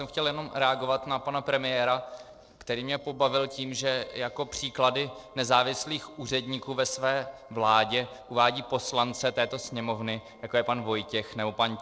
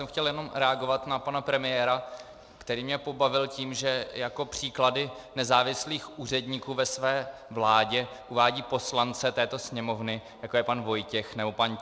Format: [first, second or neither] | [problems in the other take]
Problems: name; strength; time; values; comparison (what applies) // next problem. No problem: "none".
second | noise reduction (neural separator model SepFormer DNS4)